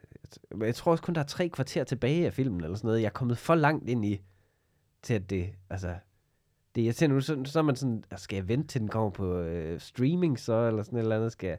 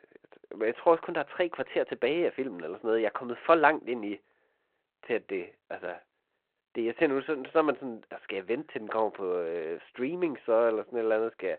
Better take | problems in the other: first | phone-call audio

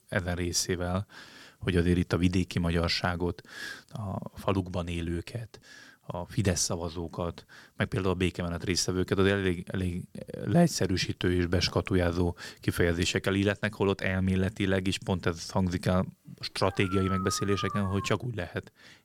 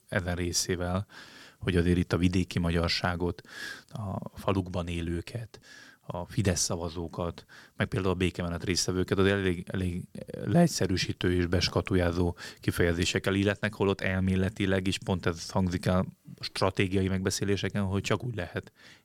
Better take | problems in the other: second | dog barking; noticeable; from 17 to 18 s; peak 6 dB below the speech

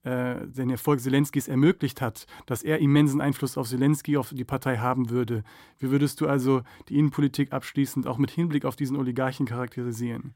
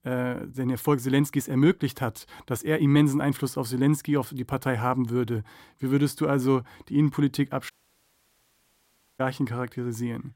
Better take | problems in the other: first | audio cutting out; at 7.5 s for 1.5 s

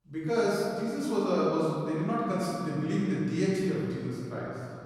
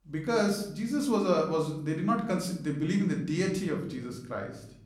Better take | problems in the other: second | room echo; strong; dies away in 2.4 s; slight in the second // off-mic speech; far; somewhat distant in the second

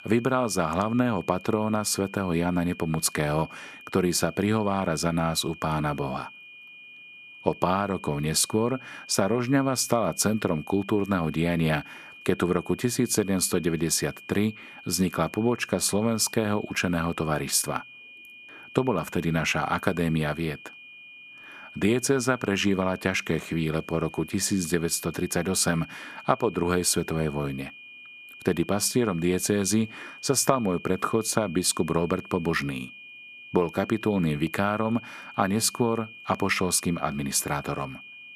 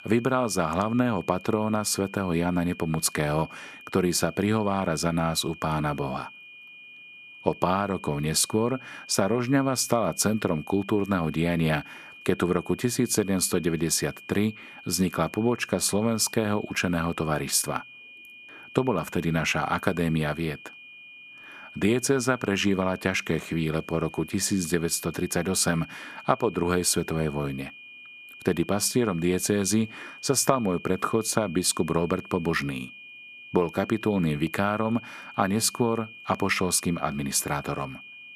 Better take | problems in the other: neither | high-pitched whine; noticeable; throughout; 2.5 kHz, 20 dB below the speech; the same in both

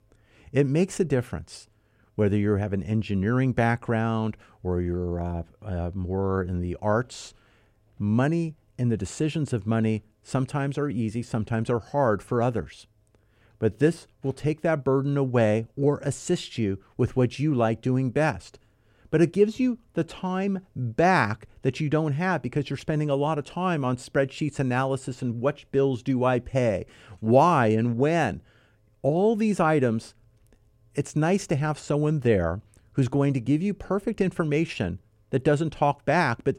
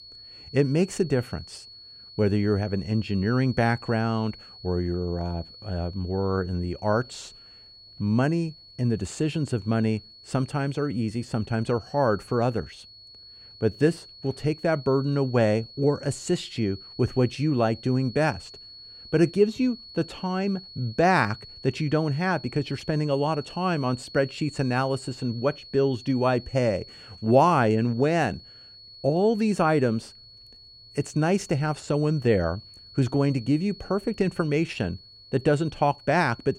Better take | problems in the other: first | high-pitched whine; noticeable; throughout; 4.5 kHz, 20 dB below the speech

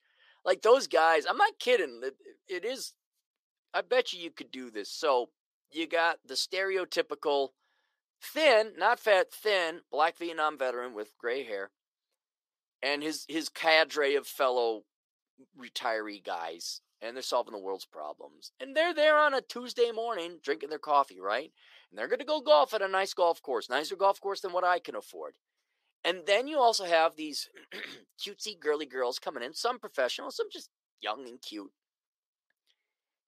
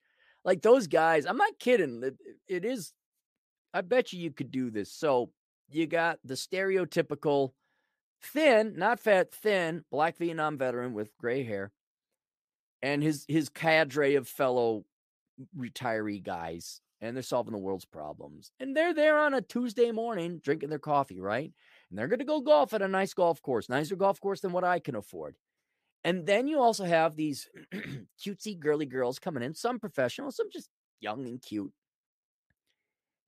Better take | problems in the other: second | thin; somewhat; fading below 400 Hz

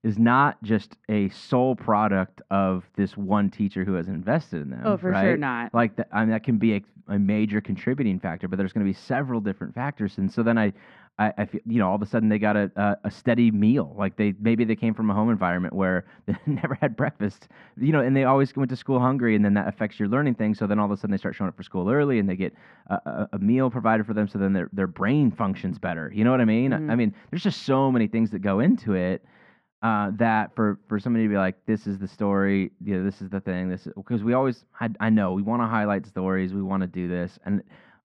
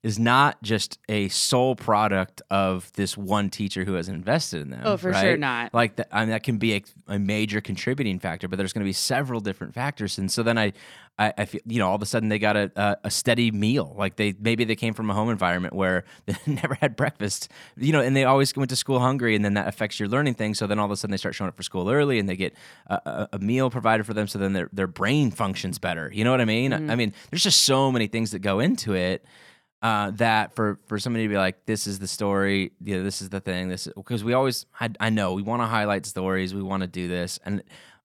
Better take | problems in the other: second | muffled; very; fading above 1.5 kHz

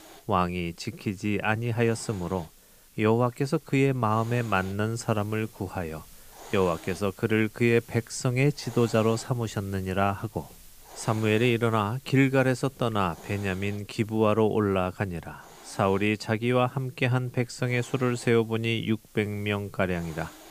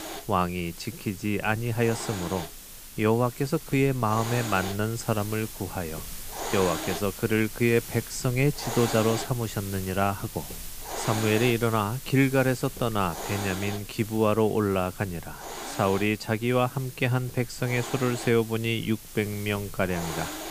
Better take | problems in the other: first | hiss; loud; throughout; 10 dB below the speech; faint in the first

